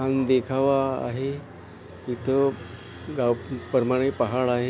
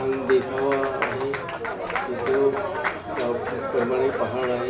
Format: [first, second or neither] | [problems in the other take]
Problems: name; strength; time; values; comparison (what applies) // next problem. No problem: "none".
first | background sound (Applause); 3 dB below the speech // room echo; dies away in 0.8 s